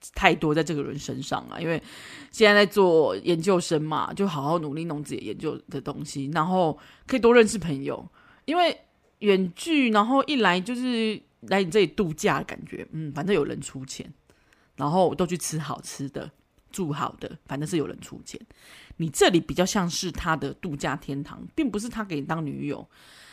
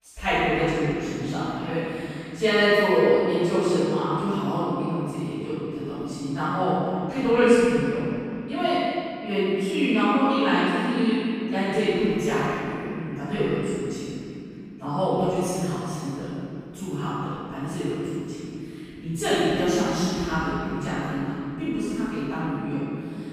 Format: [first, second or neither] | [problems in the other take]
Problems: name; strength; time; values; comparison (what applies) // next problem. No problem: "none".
first | room echo; strong; dies away in 2.9 s // off-mic speech; far